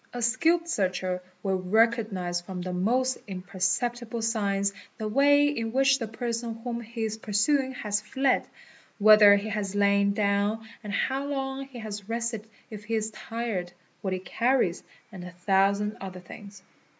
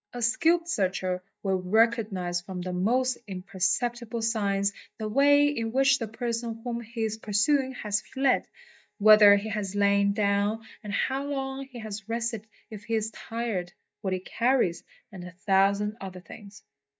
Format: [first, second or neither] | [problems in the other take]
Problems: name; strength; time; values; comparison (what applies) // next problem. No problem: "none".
first | noise reduction (neural mask model DeepFilterNet 3)